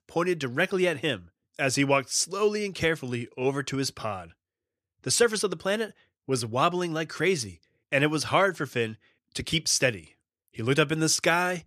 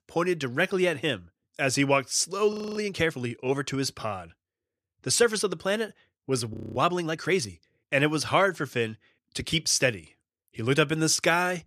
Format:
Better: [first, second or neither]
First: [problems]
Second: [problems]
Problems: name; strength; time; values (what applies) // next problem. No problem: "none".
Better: first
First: none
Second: audio freezing; at 2.5 s and at 6.5 s